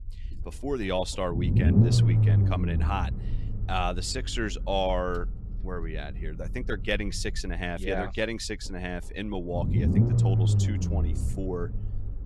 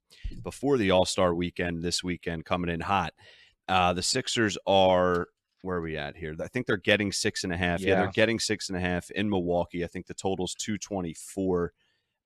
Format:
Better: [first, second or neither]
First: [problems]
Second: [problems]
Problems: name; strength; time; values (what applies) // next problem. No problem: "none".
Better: second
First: low rumble; loud; throughout; 4 dB below the speech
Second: none